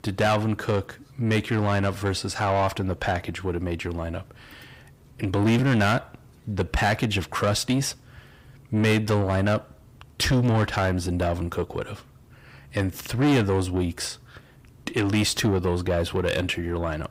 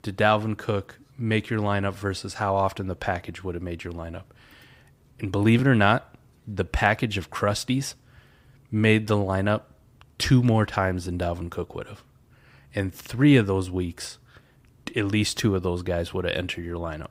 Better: second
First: distortion; heavy; 8 dB below the speech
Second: none

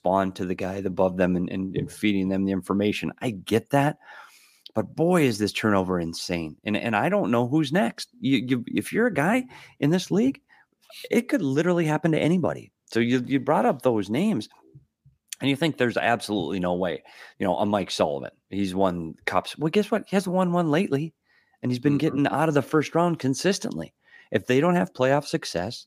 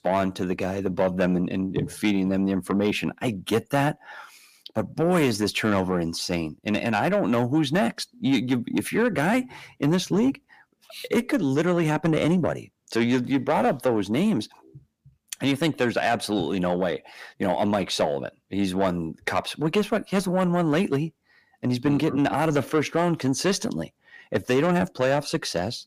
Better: first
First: none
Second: distortion; slight; 10 dB below the speech

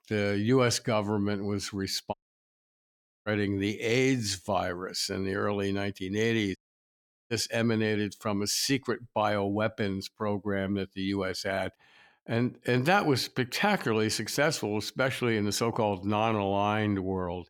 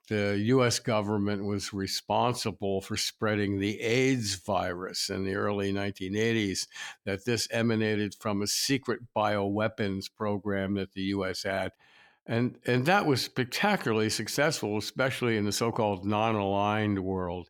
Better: second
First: audio cutting out; at 2 s for 1 s and at 6.5 s for 0.5 s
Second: none

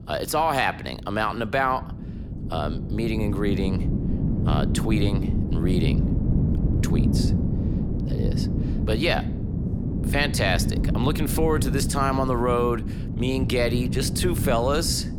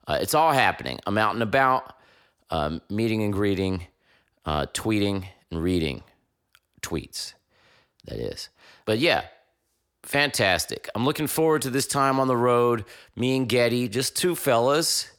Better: second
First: wind noise on the microphone; heavy; 9 dB below the speech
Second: none

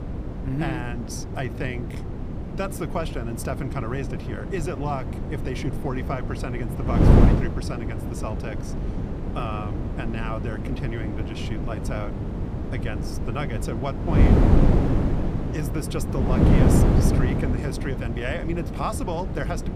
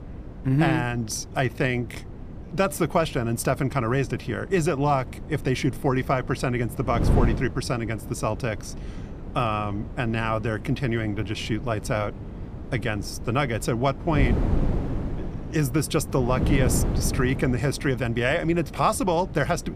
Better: second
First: wind noise on the microphone; heavy; as loud as the speech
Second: wind noise on the microphone; occasional gusts; 15 dB below the speech

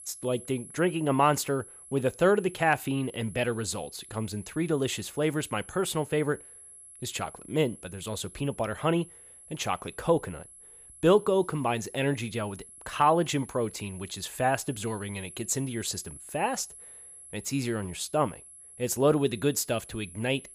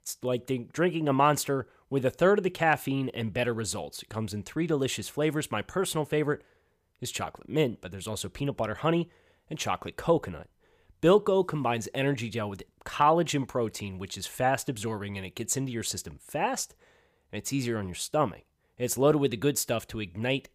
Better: second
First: high-pitched whine; noticeable; throughout; 11 kHz, 15 dB below the speech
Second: none

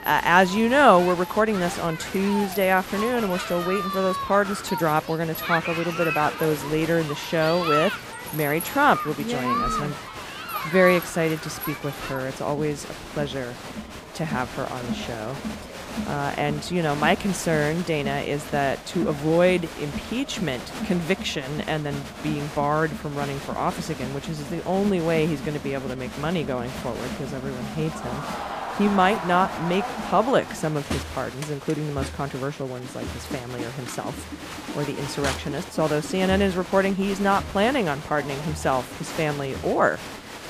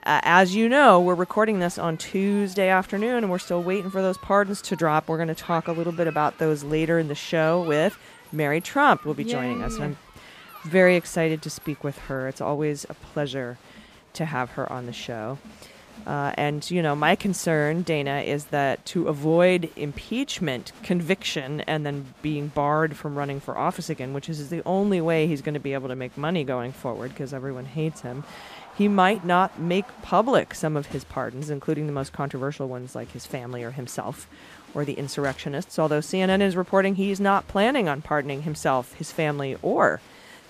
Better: second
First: crowd noise; loud; throughout; 8 dB below the speech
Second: crowd noise; faint; throughout; 20 dB below the speech

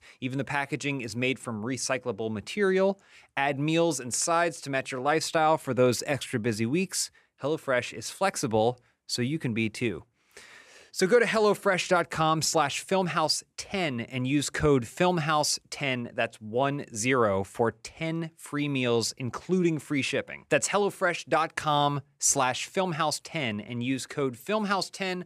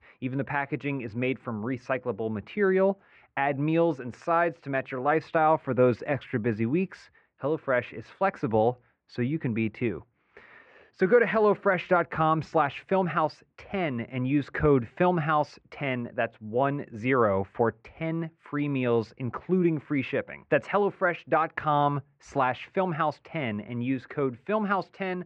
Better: first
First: none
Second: muffled; very; fading above 2 kHz

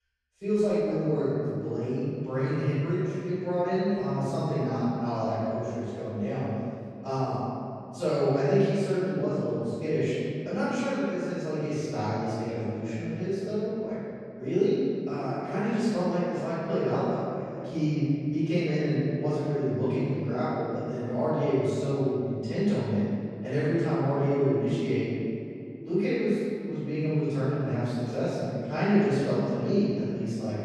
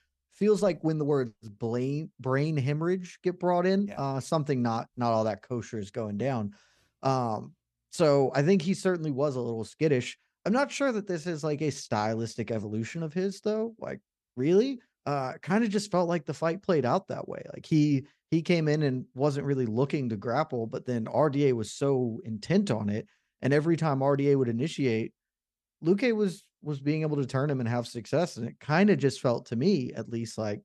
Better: second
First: room echo; strong; dies away in 2.6 s // off-mic speech; far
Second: none

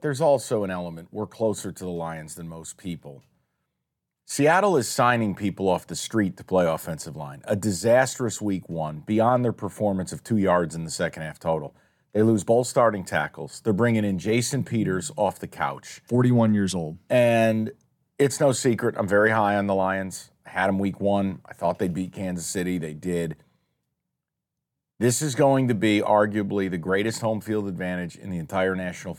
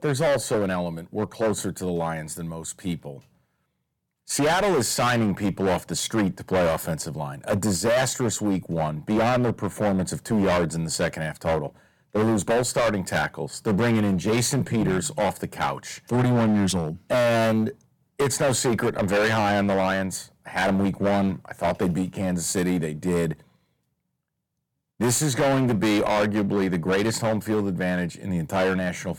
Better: first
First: none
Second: distortion; heavy; 16% of the sound clipped

